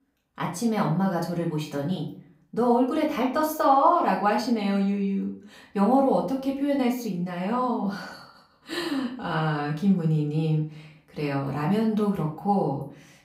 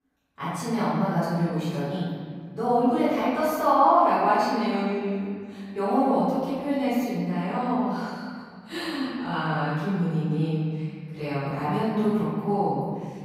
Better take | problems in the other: first | room echo; strong; dies away in 2.2 s; slight in the first // off-mic speech; far; far in the first

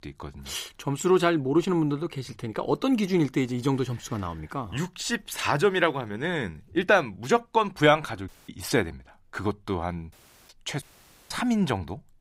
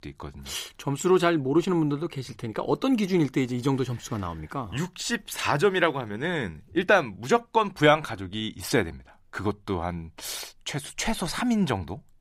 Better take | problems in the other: second | audio cutting out; at 8.5 s, at 10 s and at 11 s

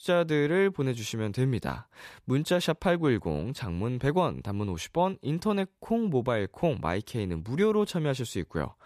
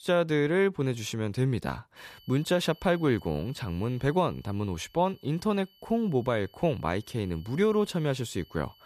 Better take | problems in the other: first | high-pitched whine; faint; from 2 s on; 3 kHz, 30 dB below the speech

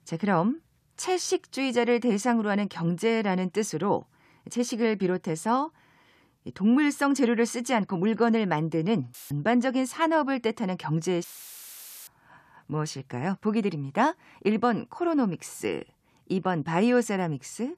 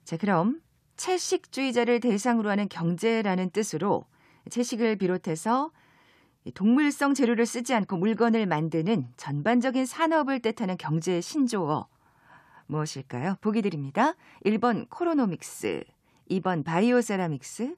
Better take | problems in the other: second | audio cutting out; filled with static; at 9 s and at 11 s for 1 s

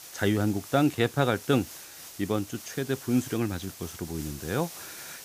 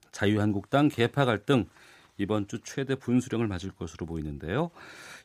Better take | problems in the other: second | hiss; noticeable; throughout; 15 dB below the speech

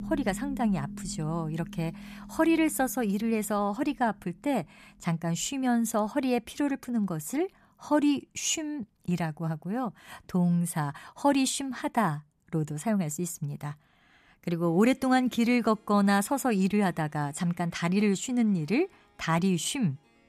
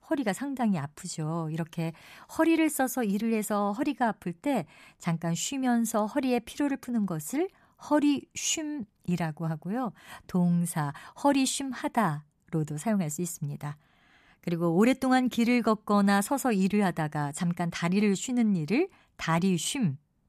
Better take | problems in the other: second | background music; noticeable; throughout; 15 dB below the speech

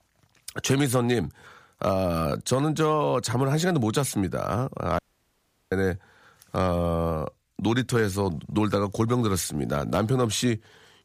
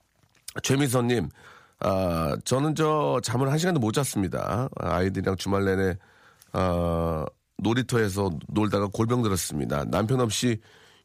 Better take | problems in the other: second | audio cutting out; at 5 s for 0.5 s

